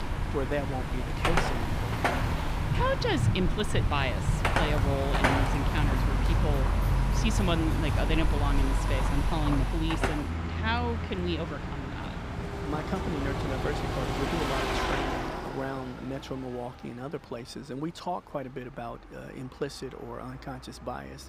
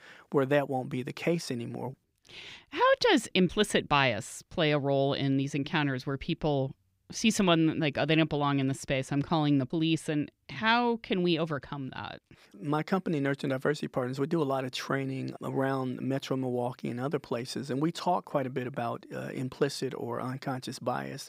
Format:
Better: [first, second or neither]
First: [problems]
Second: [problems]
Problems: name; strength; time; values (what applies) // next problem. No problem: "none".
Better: second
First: traffic noise; very loud; throughout; 4 dB above the speech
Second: none